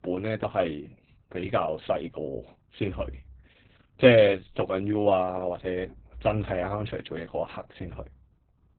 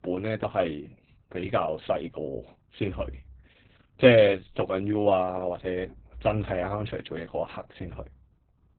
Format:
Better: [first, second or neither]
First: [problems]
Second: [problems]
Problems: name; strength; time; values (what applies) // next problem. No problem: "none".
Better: neither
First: garbled, watery; badly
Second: garbled, watery; badly